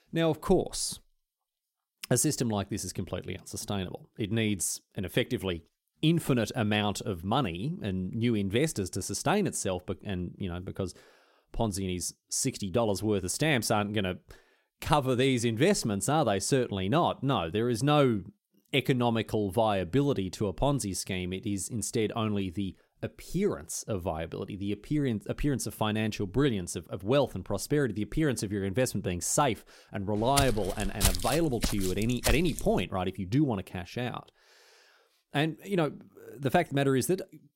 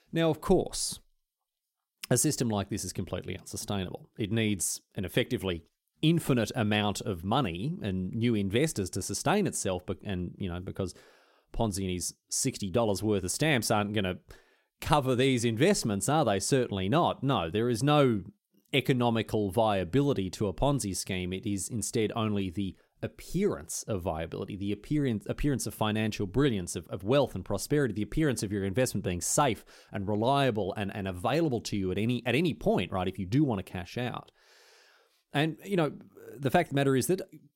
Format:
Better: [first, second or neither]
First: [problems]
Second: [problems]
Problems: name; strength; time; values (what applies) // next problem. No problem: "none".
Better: second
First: footsteps; loud; from 30 to 33 s; peak 1 dB above the speech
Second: none